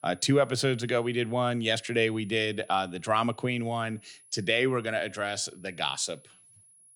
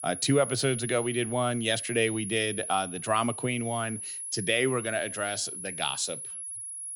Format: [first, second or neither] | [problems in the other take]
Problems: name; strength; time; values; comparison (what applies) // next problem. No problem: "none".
first | high-pitched whine; loud; throughout; 10.5 kHz, 6 dB below the speech; faint in the first